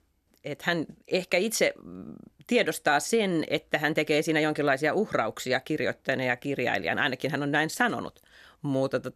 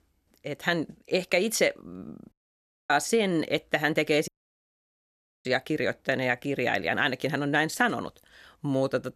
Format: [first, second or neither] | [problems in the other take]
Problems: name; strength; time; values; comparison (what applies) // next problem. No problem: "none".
first | audio cutting out; at 2.5 s for 0.5 s and at 4.5 s for 1 s